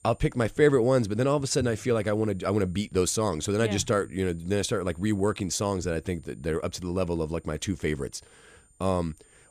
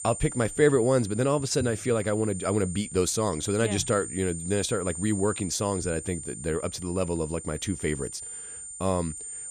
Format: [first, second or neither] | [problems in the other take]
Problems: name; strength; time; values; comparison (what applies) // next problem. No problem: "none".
first | high-pitched whine; loud; throughout; 8.5 kHz, 9 dB below the speech; faint in the first